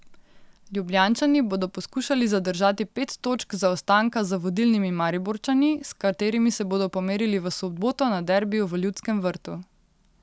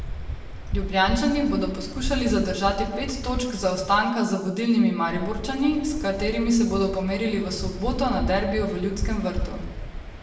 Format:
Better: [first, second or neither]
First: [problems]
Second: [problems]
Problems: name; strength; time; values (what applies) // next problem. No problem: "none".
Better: first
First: none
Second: background sound (Waves, surf); 7 dB below the speech // room echo; dies away in 1 s